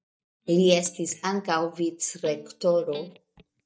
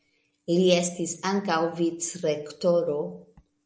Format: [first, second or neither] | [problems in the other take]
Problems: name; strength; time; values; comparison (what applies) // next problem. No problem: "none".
second | noise reduction (neural mask model DeepFilterNet 3)